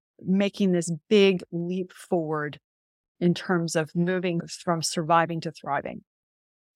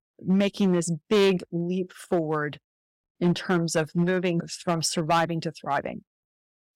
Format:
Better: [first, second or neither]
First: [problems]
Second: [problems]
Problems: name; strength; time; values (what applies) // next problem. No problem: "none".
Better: first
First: none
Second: distortion; slight; 4% of the sound clipped